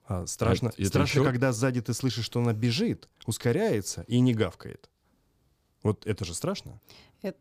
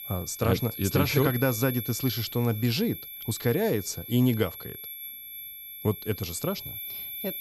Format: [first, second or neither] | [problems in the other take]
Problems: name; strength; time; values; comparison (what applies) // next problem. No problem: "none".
first | high-pitched whine; loud; throughout; 11.5 kHz, 9 dB below the speech